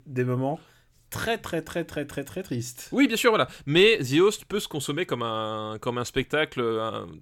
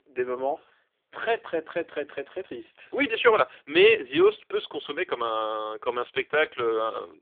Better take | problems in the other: first | phone-call audio; poor line; nothing above 3.5 kHz

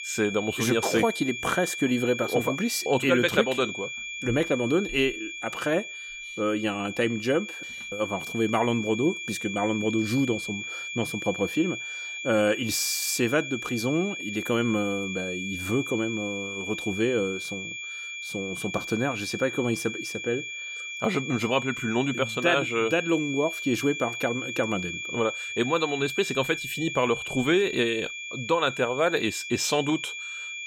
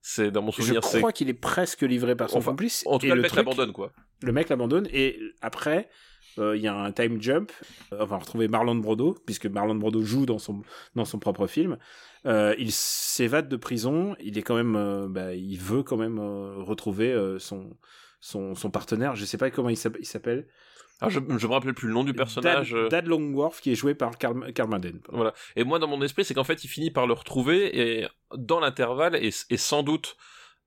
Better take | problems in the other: second | high-pitched whine; loud; throughout; 2.5 kHz, 6 dB below the speech

